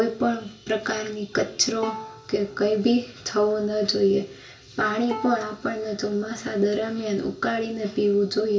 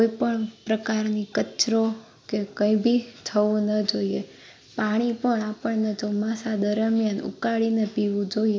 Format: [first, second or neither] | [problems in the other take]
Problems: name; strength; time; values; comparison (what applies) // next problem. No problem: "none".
second | background sound (Bowed string instrument); 16 dB below the speech // room echo; dies away in 0.2 s